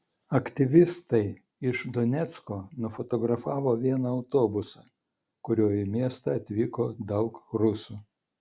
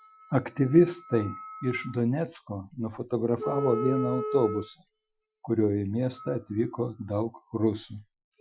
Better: first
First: none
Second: noise reduction (classical method Wiener filter)

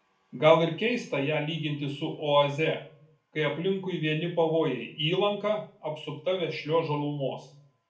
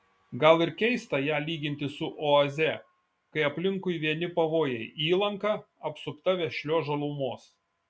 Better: second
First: room echo; dies away in 0.4 s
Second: none

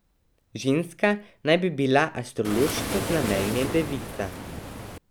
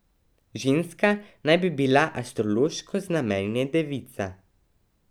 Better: second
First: background sound (Waves, surf); 5 dB below the speech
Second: none

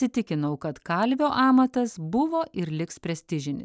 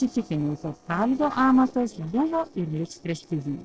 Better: first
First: none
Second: noise reduction (neural separator model SepFormer DNS4)

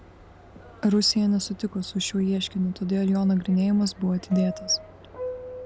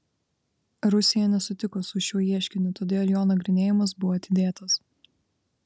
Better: second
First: background sound (Subway, metro, underground); 16 dB below the speech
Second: none

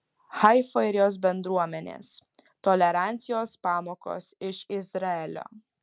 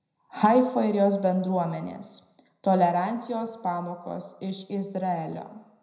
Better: first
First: none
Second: room echo; dies away in 0.7 s

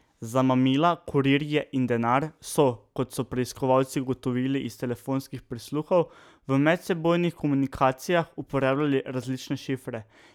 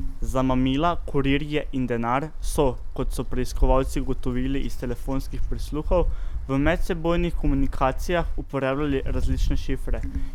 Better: first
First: none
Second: background sound (Wind); 1 dB above the speech

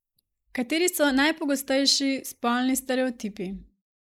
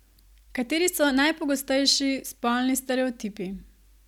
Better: second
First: noise reduction (neural mask model Resemble Enhance denoiser)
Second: none

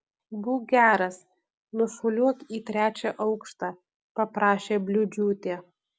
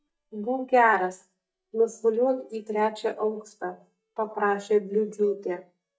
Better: first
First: none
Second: noise reduction (neural mask model DeepFilterNet 3)

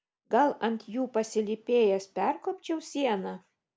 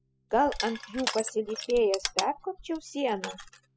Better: first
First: none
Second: noise reduction (classical method spectral subtraction)

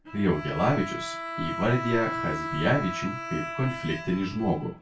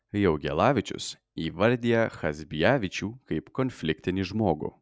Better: second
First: background sound (Bowed string instrument); 7 dB below the speech // room echo; dies away in 0.2 s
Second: none

